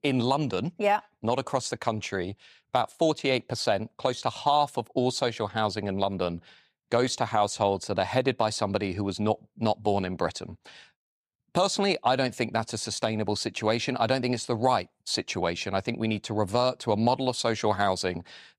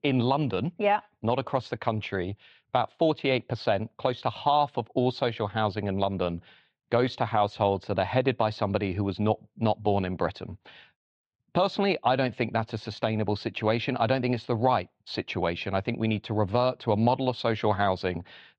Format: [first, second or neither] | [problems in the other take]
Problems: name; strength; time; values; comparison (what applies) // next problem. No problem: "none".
first | muffled; slightly; fading above 3.5 kHz